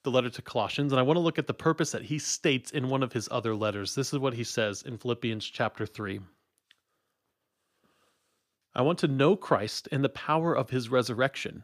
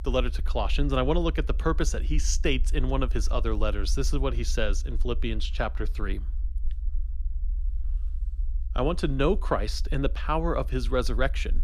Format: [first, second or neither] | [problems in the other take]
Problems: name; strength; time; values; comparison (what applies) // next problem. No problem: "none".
first | low rumble; faint; throughout; 25 dB below the speech